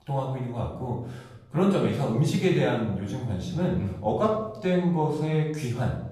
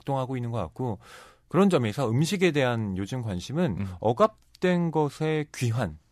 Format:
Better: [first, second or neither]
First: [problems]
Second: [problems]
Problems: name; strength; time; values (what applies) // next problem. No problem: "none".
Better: second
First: off-mic speech; far // room echo; noticeable; dies away in 0.7 s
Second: none